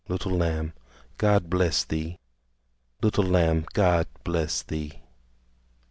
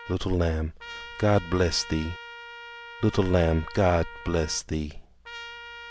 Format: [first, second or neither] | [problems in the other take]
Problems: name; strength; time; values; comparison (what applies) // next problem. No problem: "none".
first | background sound (Trumpet); 16 dB below the speech